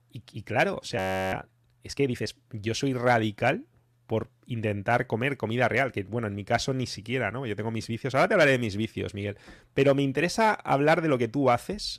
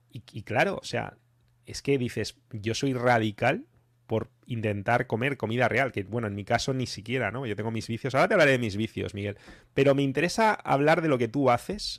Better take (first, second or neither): second